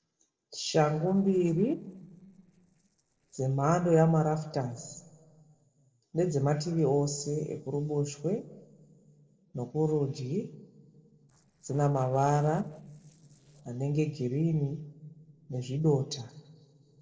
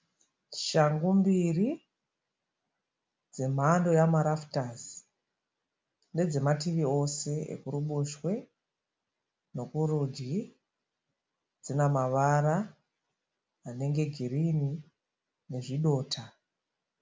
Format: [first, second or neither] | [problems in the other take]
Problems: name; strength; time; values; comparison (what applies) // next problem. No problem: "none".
second | noise reduction (neural separator model SepFormer DNS4)